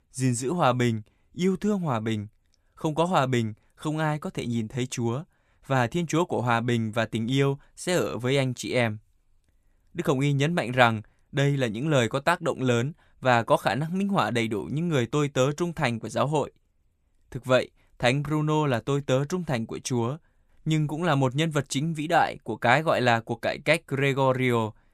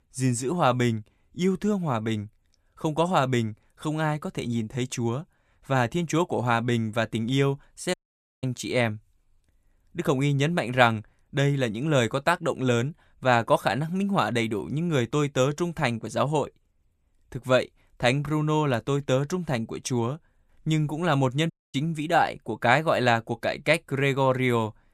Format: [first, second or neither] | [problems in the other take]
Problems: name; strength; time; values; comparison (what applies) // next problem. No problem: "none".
first | audio cutting out; at 8 s and at 22 s